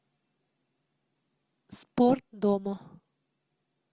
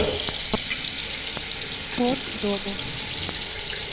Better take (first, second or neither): first